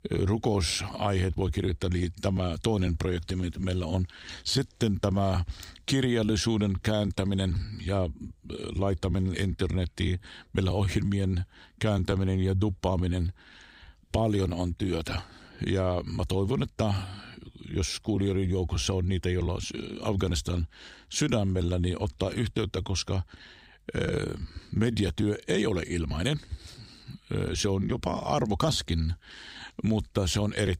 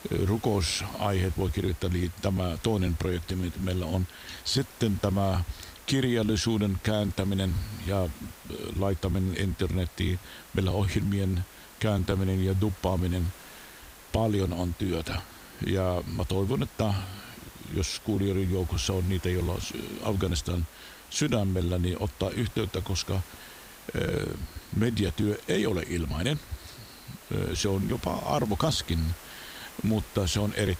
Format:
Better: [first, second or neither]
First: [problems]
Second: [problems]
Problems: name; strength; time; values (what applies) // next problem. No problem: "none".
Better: first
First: none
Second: hiss; noticeable; throughout; 20 dB below the speech